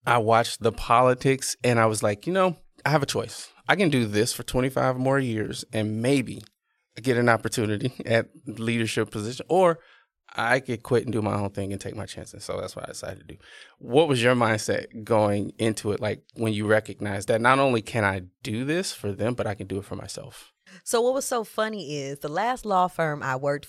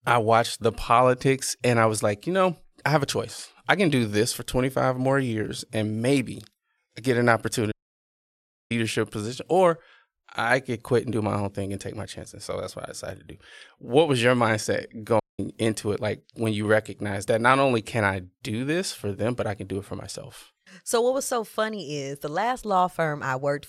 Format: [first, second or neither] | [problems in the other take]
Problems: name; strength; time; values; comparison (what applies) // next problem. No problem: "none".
first | audio cutting out; at 7.5 s for 1 s and at 15 s